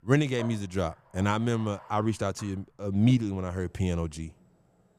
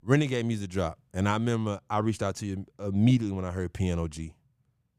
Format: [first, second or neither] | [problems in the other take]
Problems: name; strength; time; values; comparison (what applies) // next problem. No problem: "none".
second | household noises; faint; throughout; 25 dB below the speech